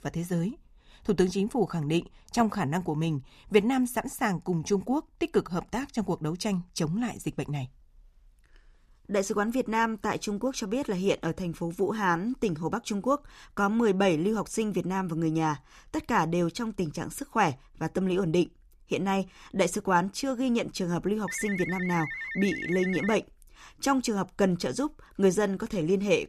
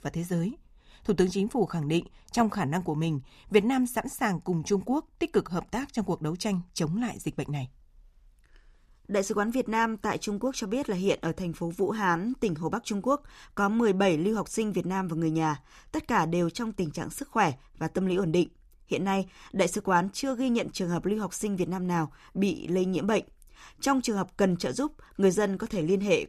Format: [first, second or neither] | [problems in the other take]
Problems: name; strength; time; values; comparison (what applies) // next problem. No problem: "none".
second | phone ringing; noticeable; from 21 to 23 s; peak 5 dB below the speech